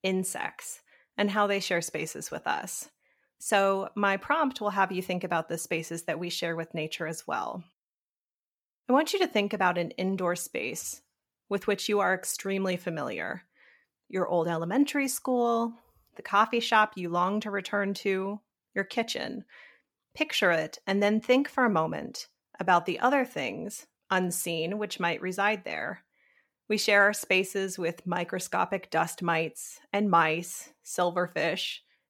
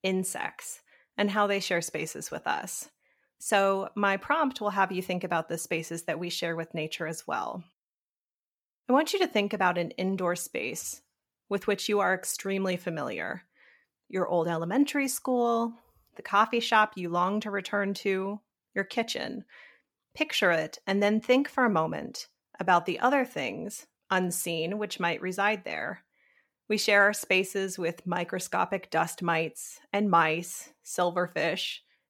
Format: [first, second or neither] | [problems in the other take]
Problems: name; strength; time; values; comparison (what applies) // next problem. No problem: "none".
neither | none